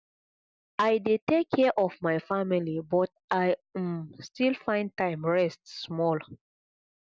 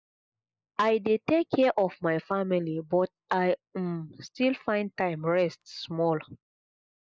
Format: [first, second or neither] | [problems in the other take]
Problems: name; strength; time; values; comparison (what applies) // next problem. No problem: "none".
first | noise reduction (neural mask model Resemble Enhance denoiser)